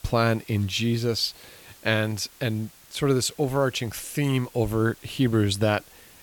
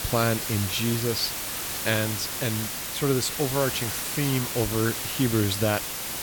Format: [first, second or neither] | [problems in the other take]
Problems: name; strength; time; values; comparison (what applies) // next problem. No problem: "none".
first | hiss; loud; throughout; 2 dB below the speech; faint in the first